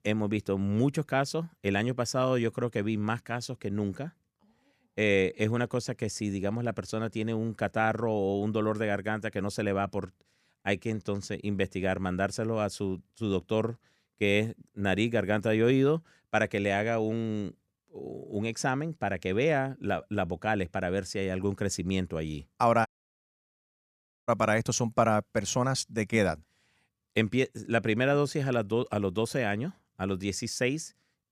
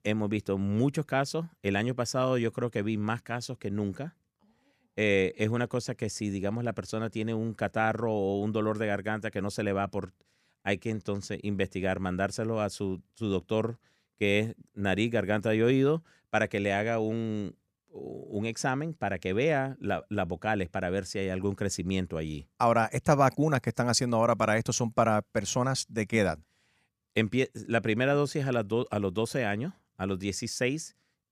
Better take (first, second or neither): second